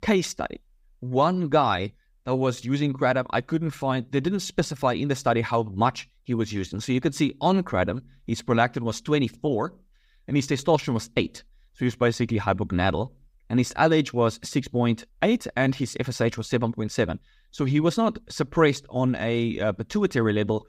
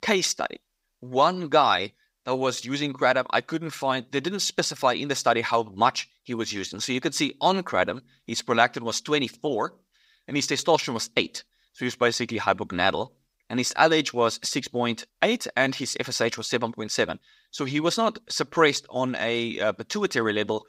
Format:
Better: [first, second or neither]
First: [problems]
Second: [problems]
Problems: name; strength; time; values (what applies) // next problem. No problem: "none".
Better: first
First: none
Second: thin; somewhat; fading below 650 Hz